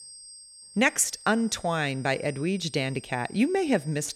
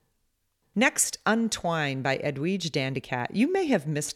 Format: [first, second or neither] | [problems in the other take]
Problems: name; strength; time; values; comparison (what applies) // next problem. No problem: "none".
second | high-pitched whine; noticeable; throughout; 8.5 kHz, 20 dB below the speech